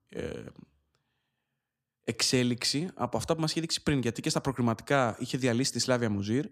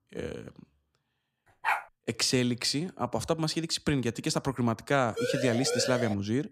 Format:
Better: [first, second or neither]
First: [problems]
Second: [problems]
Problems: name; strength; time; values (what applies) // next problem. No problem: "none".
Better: first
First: none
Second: dog barking; noticeable; at 1.5 s; peak 1 dB below the speech // siren; noticeable; at 5 s; peak 3 dB below the speech